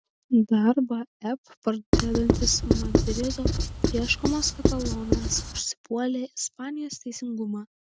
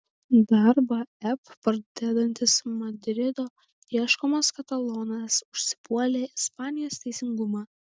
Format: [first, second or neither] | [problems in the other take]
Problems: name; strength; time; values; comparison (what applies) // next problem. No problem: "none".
second | background sound (Writing); 3 dB above the speech